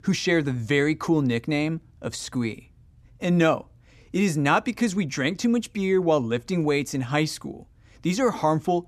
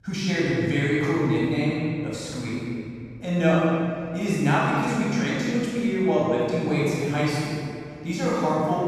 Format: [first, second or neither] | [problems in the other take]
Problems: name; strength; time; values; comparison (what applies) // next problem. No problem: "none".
first | room echo; strong; dies away in 2.1 s // off-mic speech; far